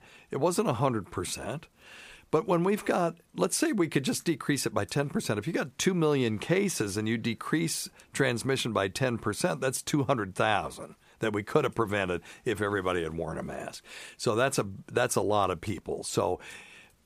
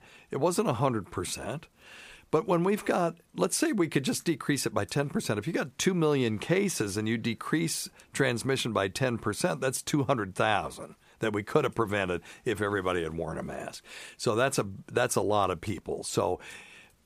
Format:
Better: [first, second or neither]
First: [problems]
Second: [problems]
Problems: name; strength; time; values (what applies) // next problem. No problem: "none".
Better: neither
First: none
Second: none